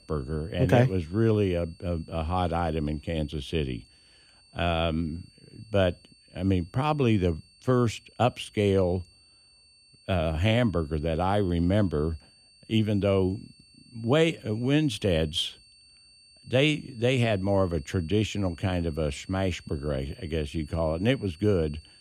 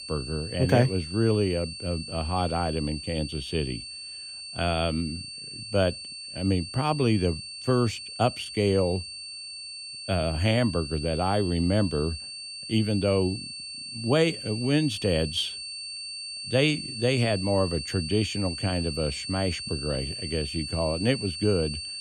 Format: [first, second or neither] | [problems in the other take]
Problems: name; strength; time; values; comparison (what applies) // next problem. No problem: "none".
first | high-pitched whine; loud; throughout; 4.5 kHz, 8 dB below the speech; faint in the first